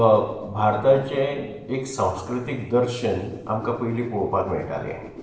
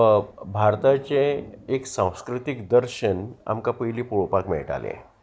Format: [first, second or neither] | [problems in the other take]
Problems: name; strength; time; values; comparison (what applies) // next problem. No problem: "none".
second | background sound (Whoosh, swoosh, swish); 19 dB below the speech // room echo; dies away in 1 s